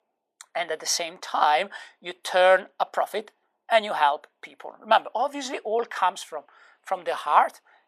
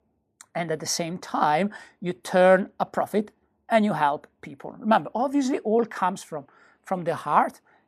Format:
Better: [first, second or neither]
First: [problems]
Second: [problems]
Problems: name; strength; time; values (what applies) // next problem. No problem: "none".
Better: second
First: thin; very; fading below 650 Hz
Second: none